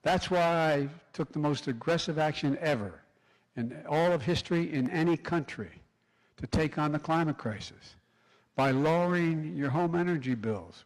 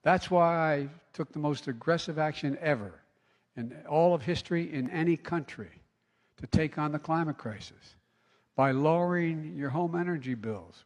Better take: second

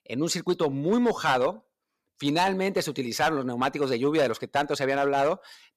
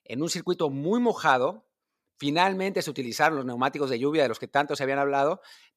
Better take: second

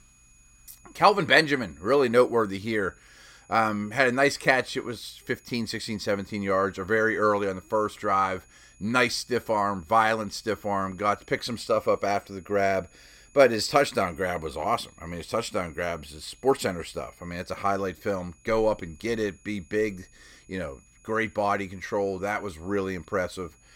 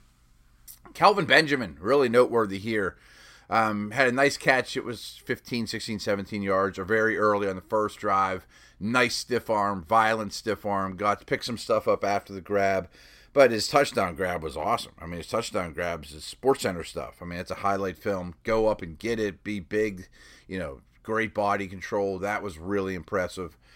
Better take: second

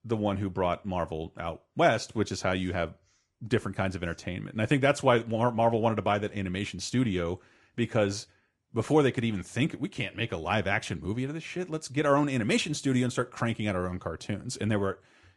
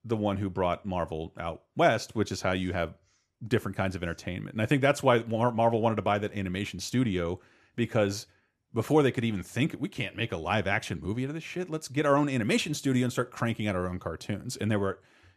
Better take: second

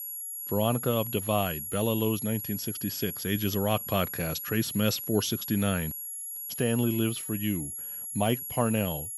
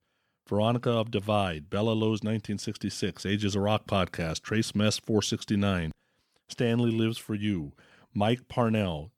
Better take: second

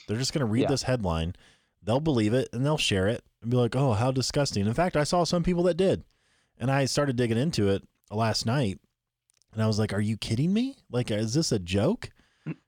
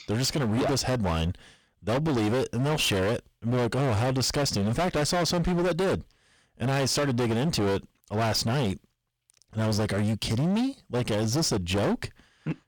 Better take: first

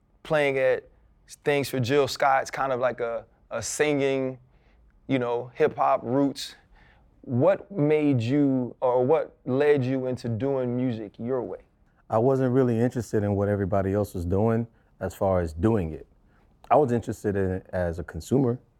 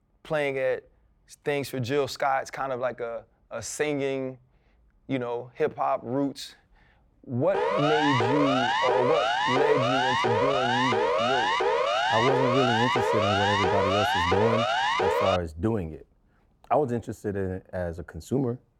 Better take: first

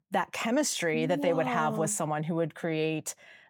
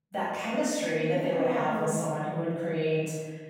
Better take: first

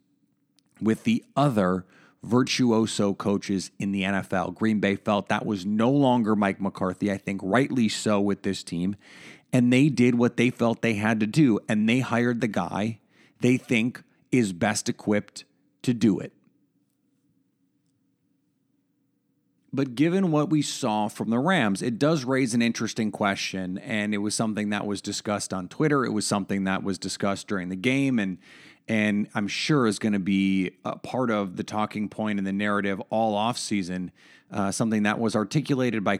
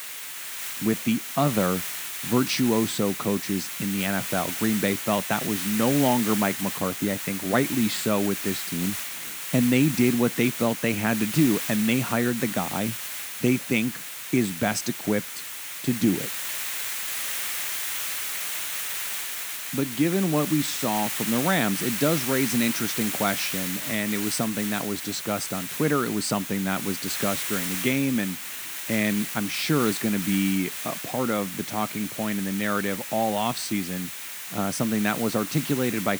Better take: first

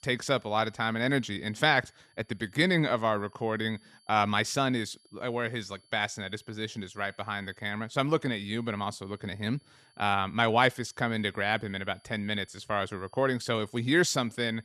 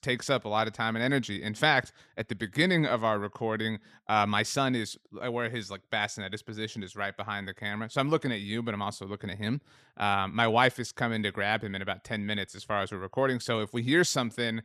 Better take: second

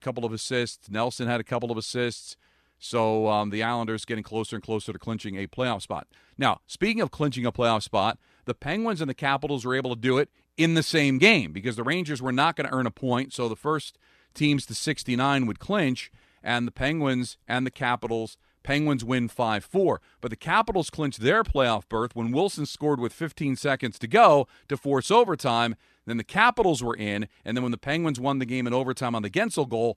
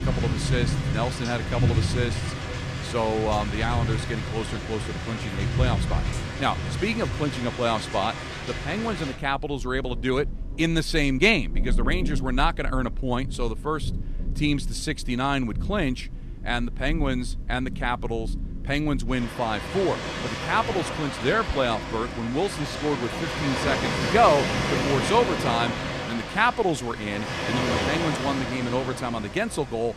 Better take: first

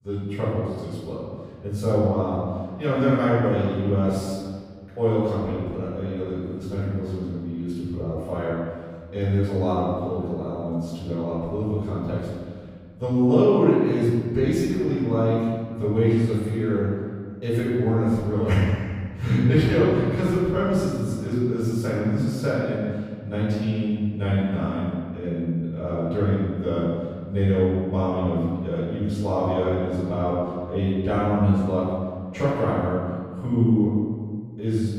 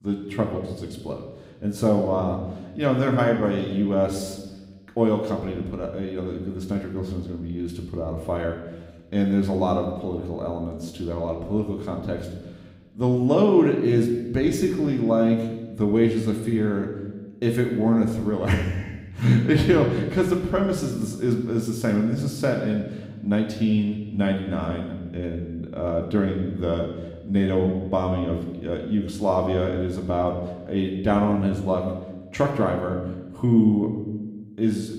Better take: second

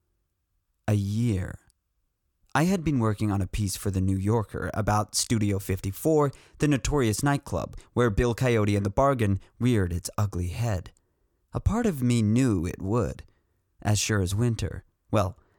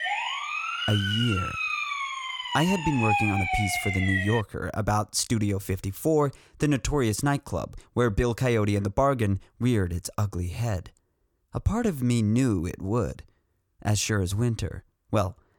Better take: first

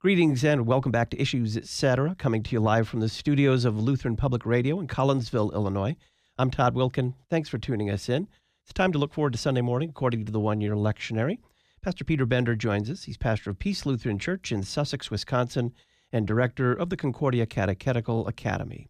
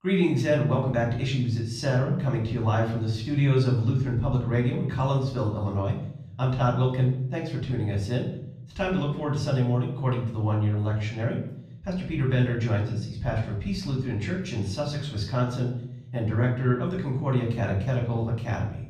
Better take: first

